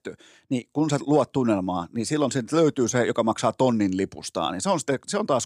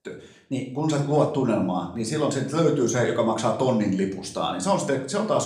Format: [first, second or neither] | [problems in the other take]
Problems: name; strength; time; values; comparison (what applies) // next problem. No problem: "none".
first | room echo; slight; dies away in 0.5 s // off-mic speech; somewhat distant